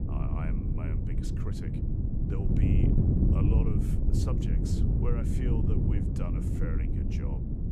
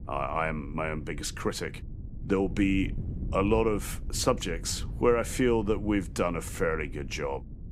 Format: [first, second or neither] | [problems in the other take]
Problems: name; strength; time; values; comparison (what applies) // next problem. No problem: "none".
second | wind noise on the microphone; heavy; 5 dB above the speech; occasional gusts in the second